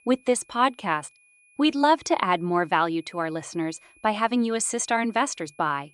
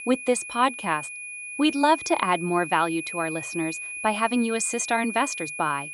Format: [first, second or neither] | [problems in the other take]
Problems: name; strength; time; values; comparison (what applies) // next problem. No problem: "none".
first | high-pitched whine; loud; throughout; 2.5 kHz, 8 dB below the speech; faint in the first